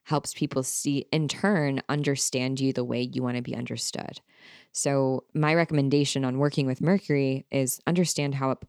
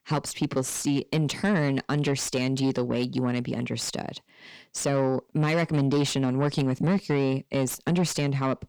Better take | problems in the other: first | distortion; slight; 10 dB below the speech

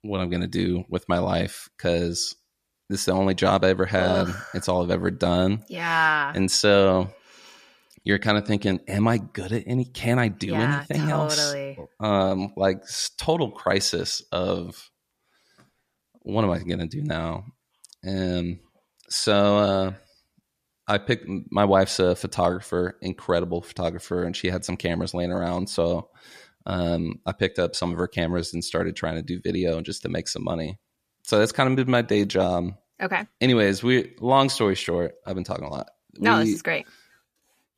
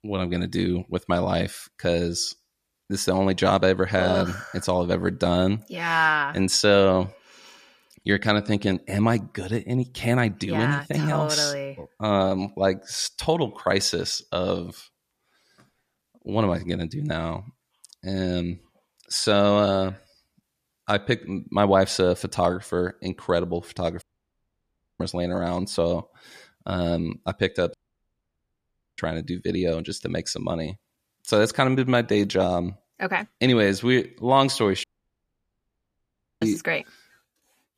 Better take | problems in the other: first | audio cutting out; at 24 s for 1 s, at 28 s for 1 s and at 35 s for 1.5 s

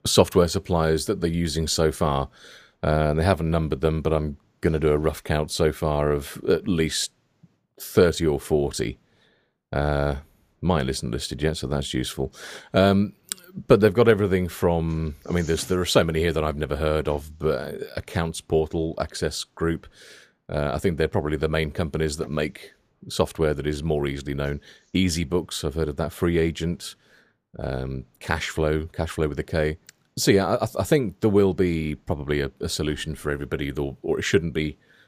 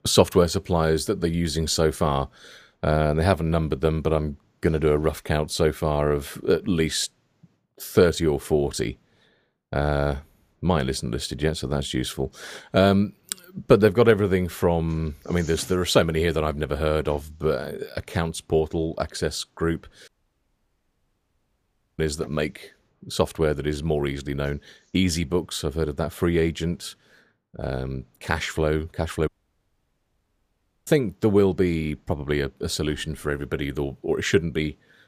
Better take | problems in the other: first | audio cutting out; at 20 s for 2 s and at 29 s for 1.5 s

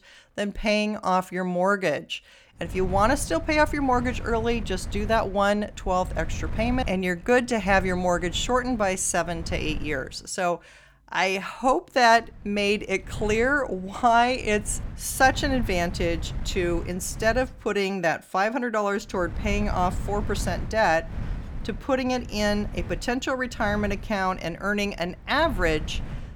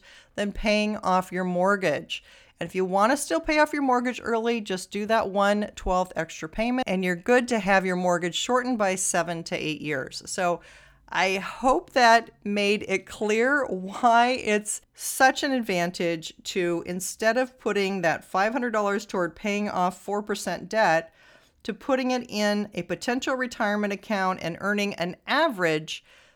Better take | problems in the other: second | wind noise on the microphone; occasional gusts; from 2.5 to 10 s, from 12 to 18 s and from 19 s on; 20 dB below the speech

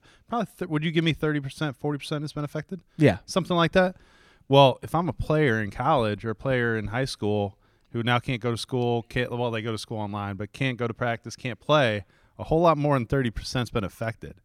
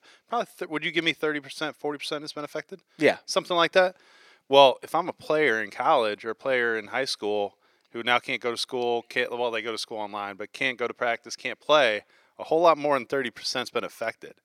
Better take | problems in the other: first | thin; somewhat; fading below 450 Hz

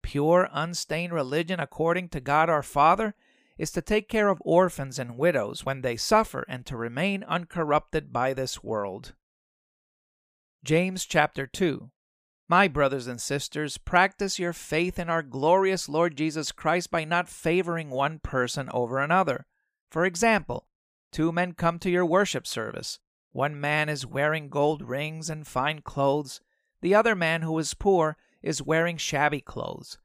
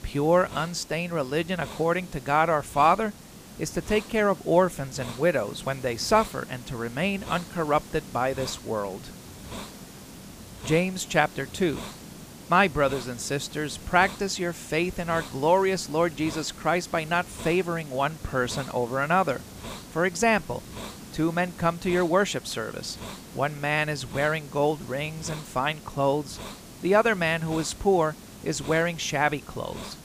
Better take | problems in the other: first | hiss; noticeable; throughout; 15 dB below the speech

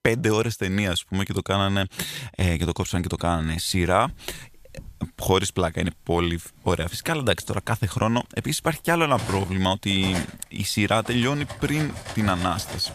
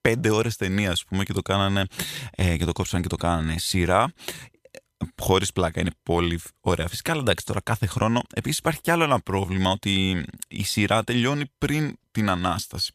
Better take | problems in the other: second | clattering dishes; noticeable; from 4 s on; peak 8 dB below the speech

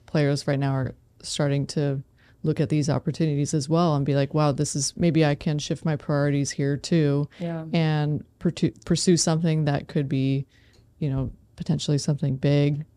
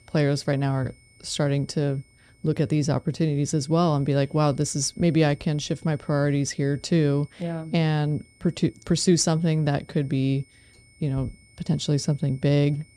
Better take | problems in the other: first | high-pitched whine; faint; throughout; 2 kHz, 30 dB below the speech

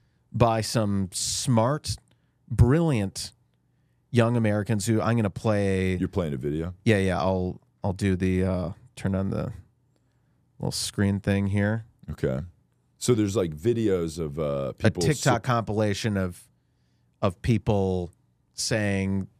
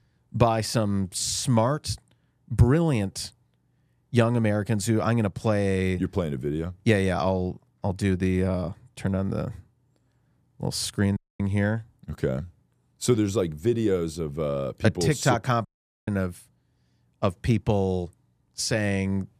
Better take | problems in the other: first | audio cutting out; at 11 s and at 16 s

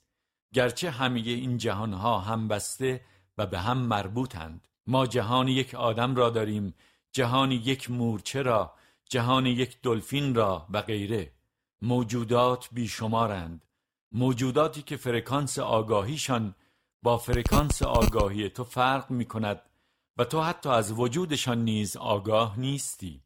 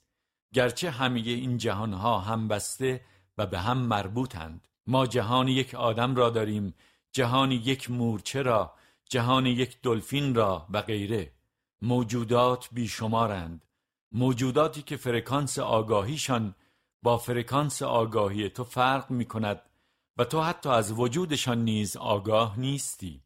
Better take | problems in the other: second | phone ringing; noticeable; at 17 s; peak level with the speech

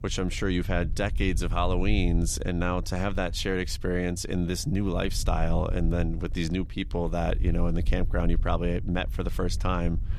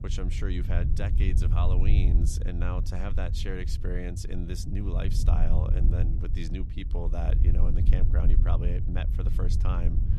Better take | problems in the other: first | low rumble; loud; throughout; 5 dB below the speech; faint in the first

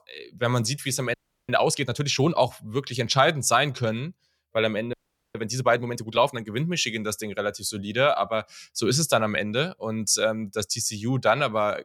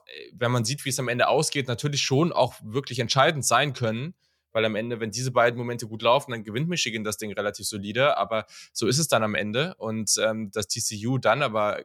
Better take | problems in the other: second | audio freezing; at 1 s and at 5 s

